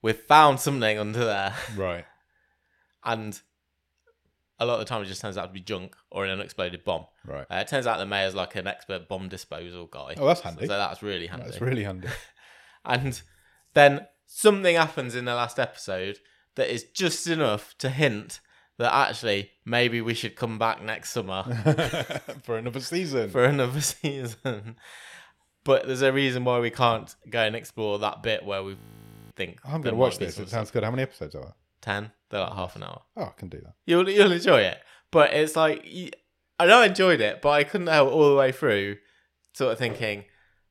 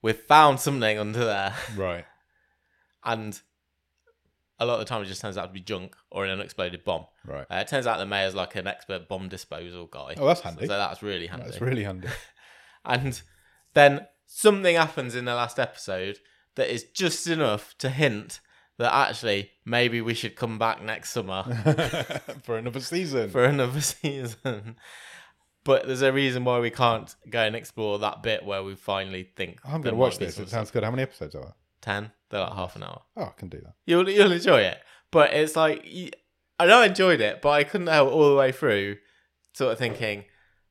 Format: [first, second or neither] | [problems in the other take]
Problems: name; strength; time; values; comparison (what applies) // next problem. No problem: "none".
second | audio freezing; at 29 s for 0.5 s